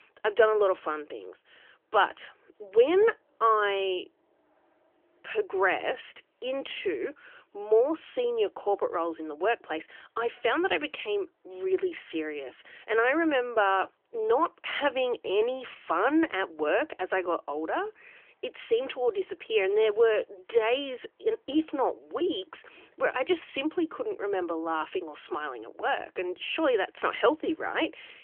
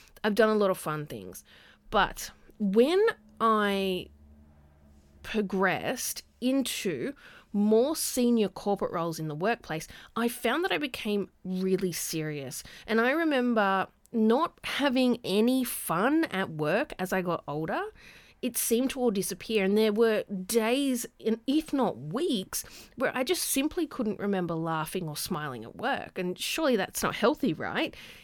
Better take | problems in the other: second | phone-call audio; nothing above 3.5 kHz

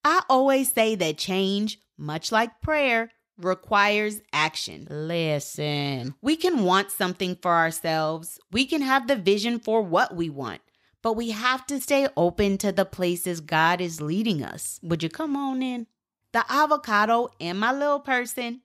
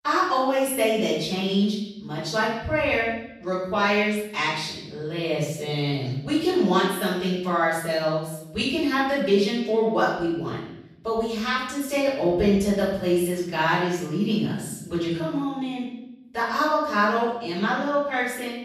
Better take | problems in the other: first | off-mic speech; far // room echo; noticeable; dies away in 0.9 s

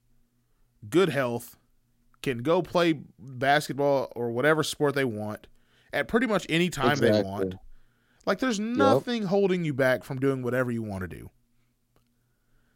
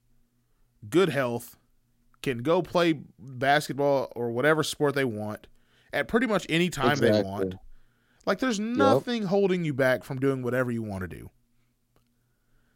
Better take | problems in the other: neither | none

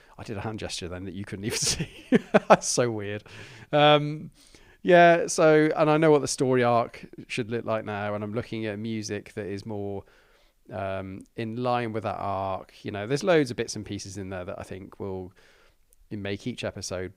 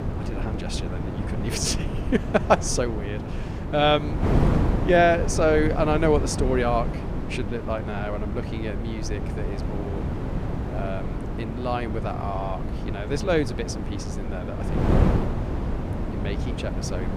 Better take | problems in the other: first | wind noise on the microphone; heavy; 9 dB below the speech

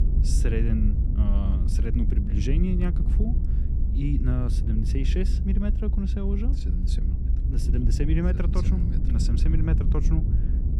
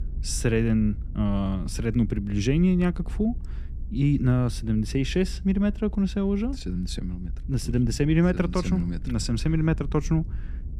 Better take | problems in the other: second | low rumble; loud; throughout; 5 dB below the speech; faint in the second

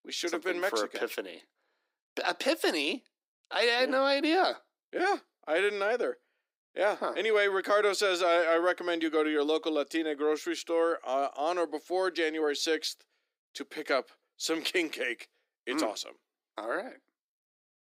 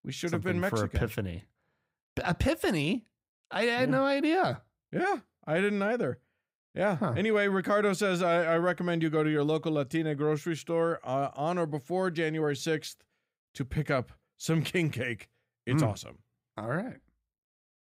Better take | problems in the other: second | thin; somewhat; fading below 300 Hz

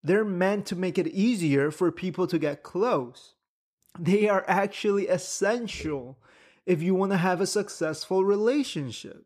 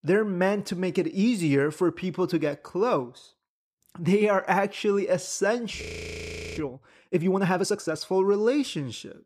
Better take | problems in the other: first | audio freezing; at 6 s for 0.5 s

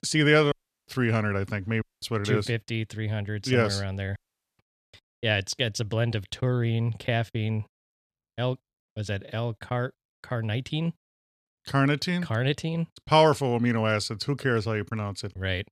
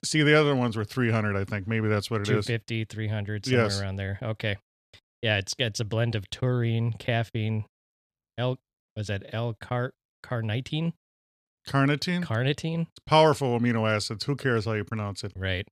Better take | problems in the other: second | audio cutting out; at 0.5 s, at 2 s and at 4 s

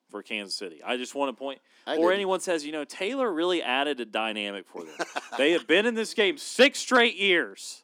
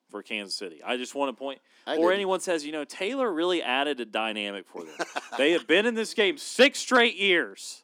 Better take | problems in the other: neither | thin; very slightly; fading below 250 Hz; the same in both

